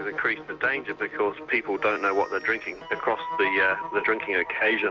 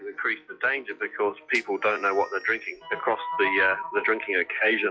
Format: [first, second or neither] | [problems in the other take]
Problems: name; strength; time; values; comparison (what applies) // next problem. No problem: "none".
first | noise reduction (classical method log-MMSE)